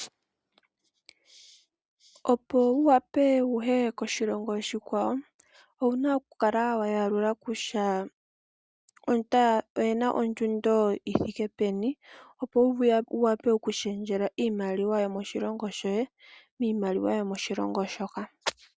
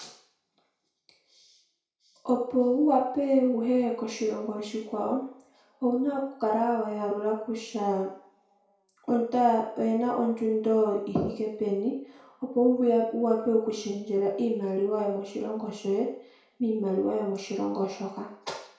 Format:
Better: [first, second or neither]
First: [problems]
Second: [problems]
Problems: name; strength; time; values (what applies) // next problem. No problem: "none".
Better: first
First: none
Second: room echo; dies away in 0.6 s